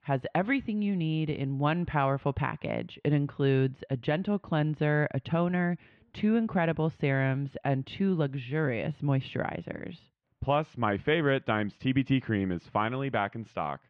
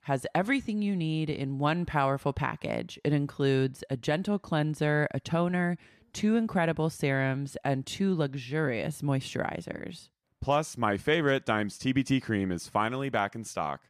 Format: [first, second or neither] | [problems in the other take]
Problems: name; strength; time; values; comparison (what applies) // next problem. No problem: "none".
second | muffled; very; fading above 3 kHz